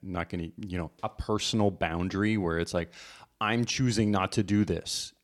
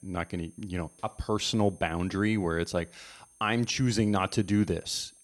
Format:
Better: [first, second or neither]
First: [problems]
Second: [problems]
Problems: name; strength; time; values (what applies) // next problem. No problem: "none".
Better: first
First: none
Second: high-pitched whine; faint; throughout; 8.5 kHz, 25 dB below the speech